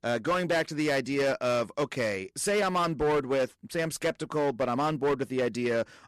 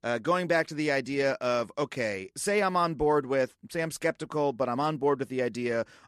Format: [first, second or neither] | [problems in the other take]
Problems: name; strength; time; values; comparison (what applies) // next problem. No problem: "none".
second | distortion; slight; 12% of the sound clipped